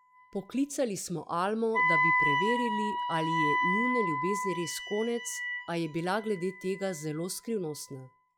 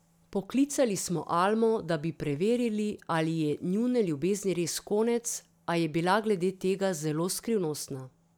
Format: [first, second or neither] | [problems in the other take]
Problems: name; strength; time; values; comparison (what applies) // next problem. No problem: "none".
second | noise reduction (classical method log-MMSE)